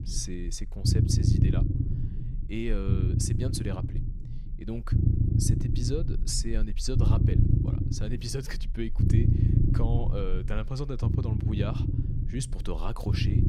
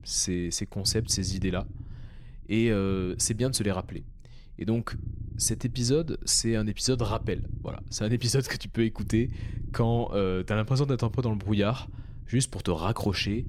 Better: second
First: low rumble; loud; throughout; 1 dB below the speech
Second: low rumble; faint; throughout; 25 dB below the speech

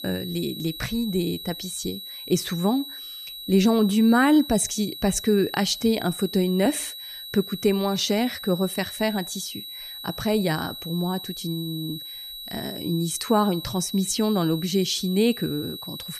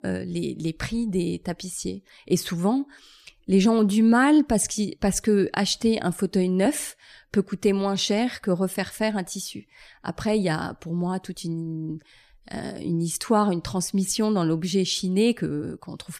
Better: second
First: high-pitched whine; noticeable; throughout; 4 kHz, 10 dB below the speech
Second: none

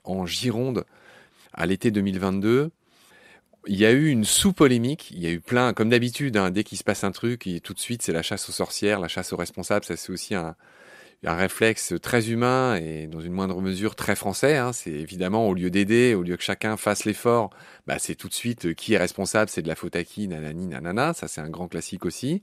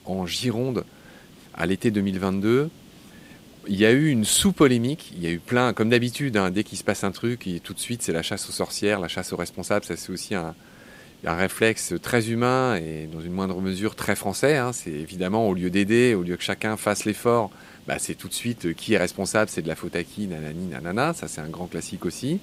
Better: first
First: none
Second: hiss; faint; throughout; 25 dB below the speech

